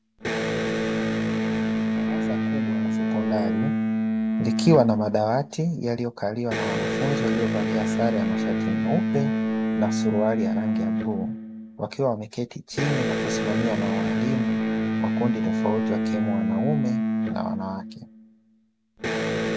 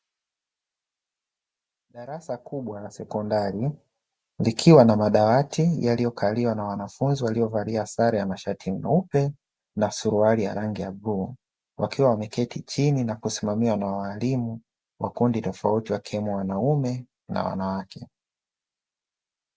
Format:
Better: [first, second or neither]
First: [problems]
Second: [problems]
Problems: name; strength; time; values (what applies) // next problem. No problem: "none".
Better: second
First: background sound (Electric guitar); 3 dB above the speech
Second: none